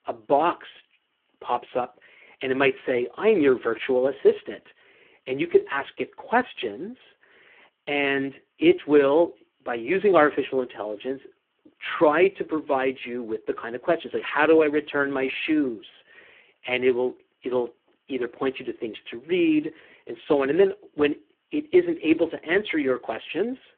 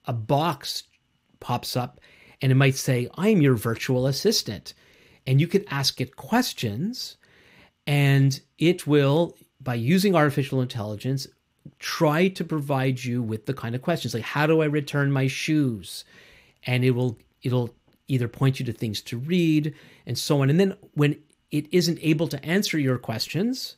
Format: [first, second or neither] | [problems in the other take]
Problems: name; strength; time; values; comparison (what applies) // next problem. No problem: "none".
second | phone-call audio; poor line